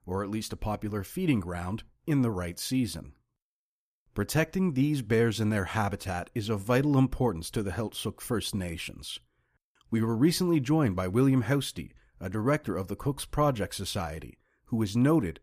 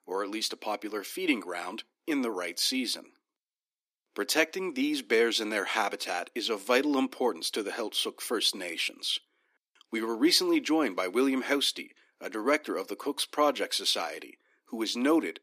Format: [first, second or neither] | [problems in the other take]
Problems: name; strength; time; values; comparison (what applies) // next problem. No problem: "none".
first | thin; somewhat; fading below 300 Hz